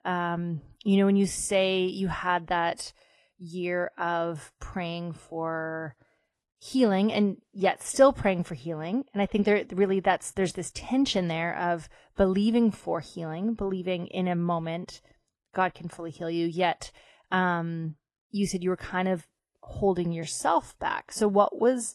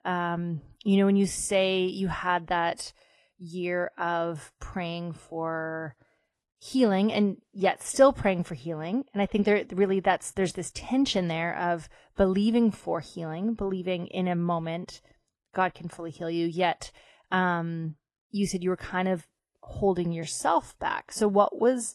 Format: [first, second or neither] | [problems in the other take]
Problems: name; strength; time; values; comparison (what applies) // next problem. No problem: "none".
neither | garbled, watery; slightly; the same in both